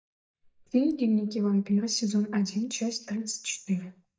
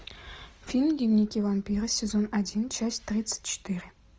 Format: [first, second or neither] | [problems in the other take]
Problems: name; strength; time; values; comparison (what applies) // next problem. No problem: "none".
second | noise reduction (neural mask model DeepFilterNet 3)